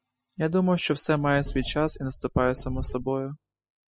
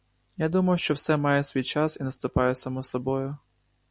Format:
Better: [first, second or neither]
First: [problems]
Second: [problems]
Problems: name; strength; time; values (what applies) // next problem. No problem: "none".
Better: second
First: noise reduction (classical method spectral subtraction)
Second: none